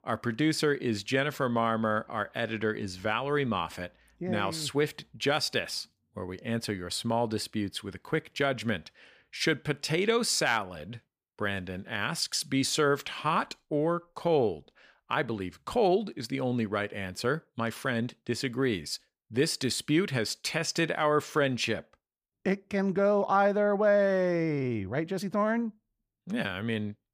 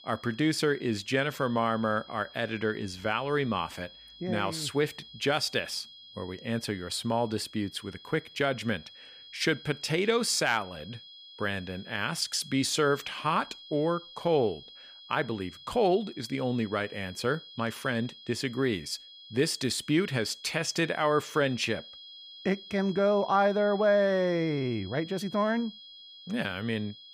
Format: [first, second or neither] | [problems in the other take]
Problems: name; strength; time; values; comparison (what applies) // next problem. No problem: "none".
first | high-pitched whine; noticeable; throughout; 3.5 kHz, 15 dB below the speech